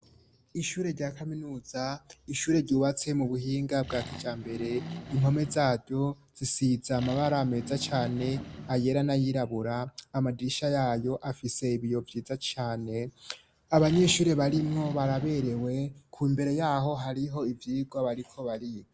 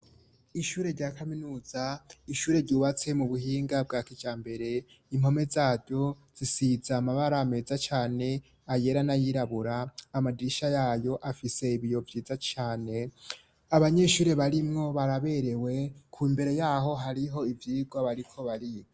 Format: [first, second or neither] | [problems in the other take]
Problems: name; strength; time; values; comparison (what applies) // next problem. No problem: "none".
second | background sound (Accelerating, revving, vroom); 12 dB below the speech